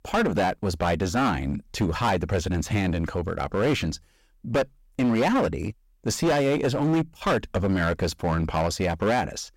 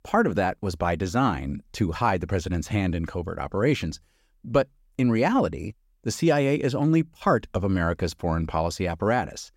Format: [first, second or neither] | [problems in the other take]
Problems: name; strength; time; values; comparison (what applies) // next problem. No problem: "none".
second | distortion; heavy; 14% of the sound clipped